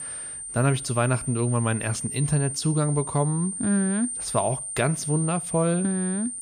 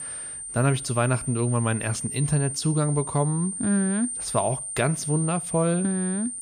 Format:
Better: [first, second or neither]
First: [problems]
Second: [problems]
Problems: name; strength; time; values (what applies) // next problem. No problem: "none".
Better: neither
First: high-pitched whine; loud; throughout; 9 kHz, 5 dB below the speech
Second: high-pitched whine; loud; throughout; 9 kHz, 5 dB below the speech